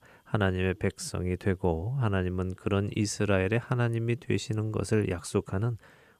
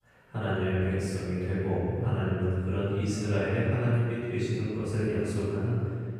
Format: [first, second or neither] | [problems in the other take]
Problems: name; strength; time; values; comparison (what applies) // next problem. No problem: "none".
first | off-mic speech; far // room echo; strong; dies away in 2.1 s